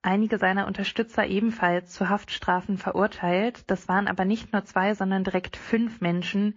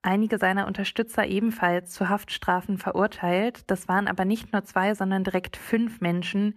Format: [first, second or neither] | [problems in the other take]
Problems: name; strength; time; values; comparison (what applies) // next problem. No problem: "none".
second | garbled, watery; slightly